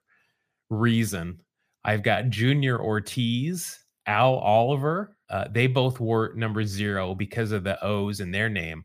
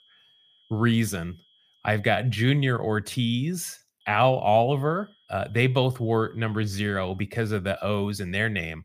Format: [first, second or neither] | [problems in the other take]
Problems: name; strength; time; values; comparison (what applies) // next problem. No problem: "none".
first | high-pitched whine; faint; until 2.5 s and from 4 to 7 s; 3.5 kHz, 35 dB below the speech